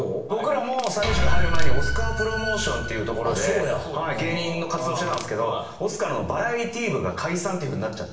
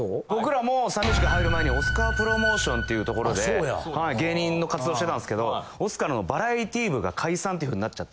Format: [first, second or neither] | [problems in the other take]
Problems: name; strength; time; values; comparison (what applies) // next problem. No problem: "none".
second | background sound (Crushing); 19 dB below the speech // room echo; dies away in 0.7 s